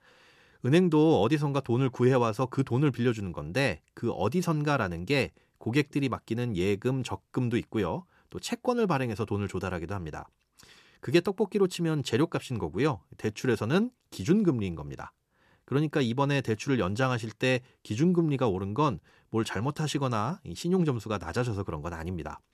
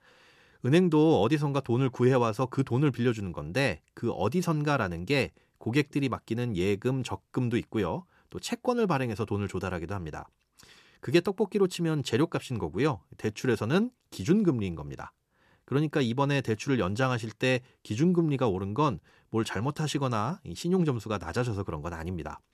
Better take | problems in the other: neither | none

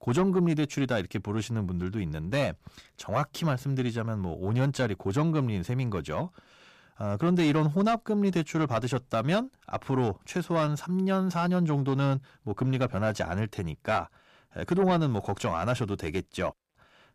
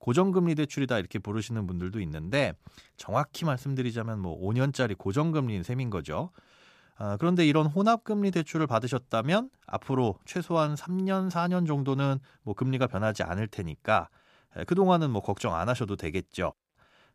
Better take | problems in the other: second | distortion; slight; 10 dB below the speech

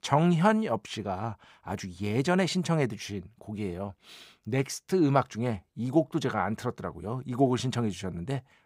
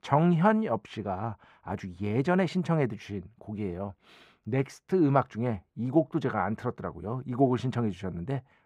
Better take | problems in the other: first | muffled; slightly; fading above 3 kHz

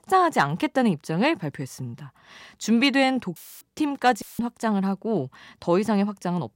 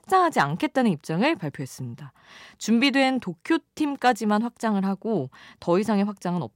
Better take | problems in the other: second | audio cutting out; filled with static; at 3.5 s and at 4 s

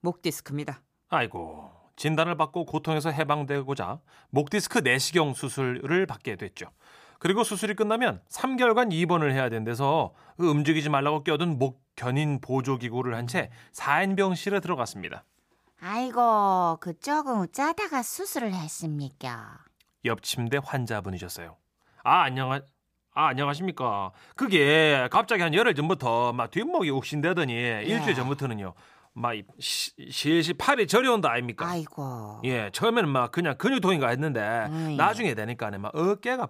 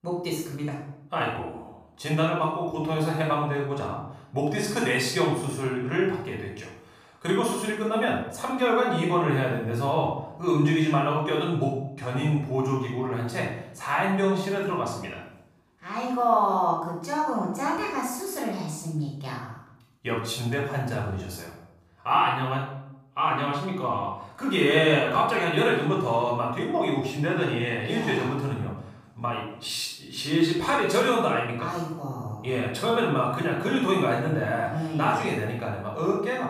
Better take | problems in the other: first | off-mic speech; far // room echo; noticeable; dies away in 0.6 s

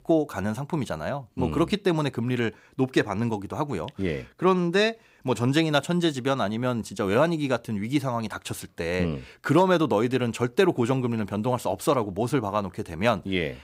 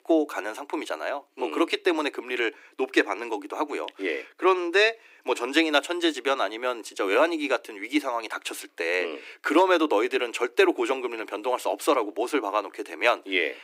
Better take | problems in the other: first | thin; somewhat; fading below 300 Hz

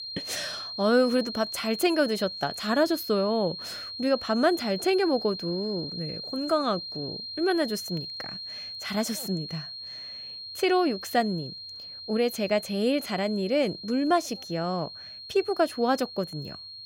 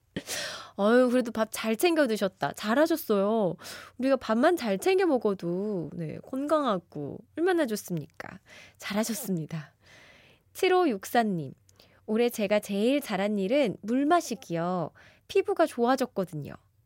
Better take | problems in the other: second | high-pitched whine; loud; throughout; 4 kHz, 9 dB below the speech

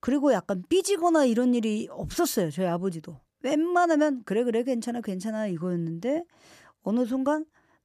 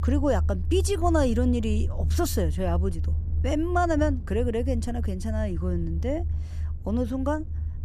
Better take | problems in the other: first | low rumble; noticeable; throughout; 15 dB below the speech

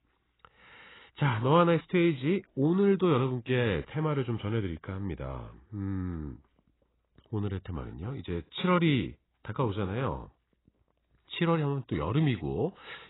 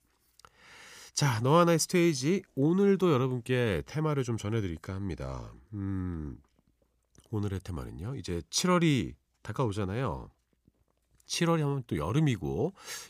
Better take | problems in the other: second | garbled, watery; badly; nothing above 4 kHz

